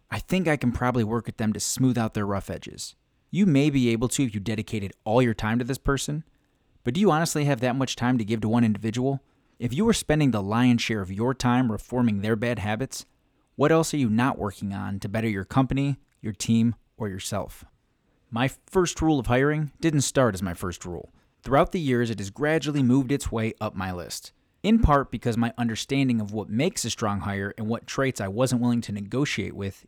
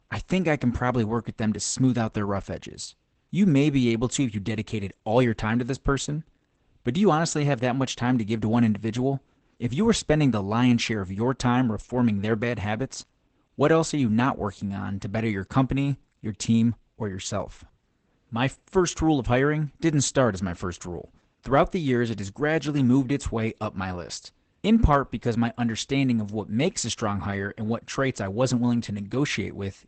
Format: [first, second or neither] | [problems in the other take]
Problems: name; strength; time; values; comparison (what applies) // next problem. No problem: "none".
first | garbled, watery; badly; nothing above 8 kHz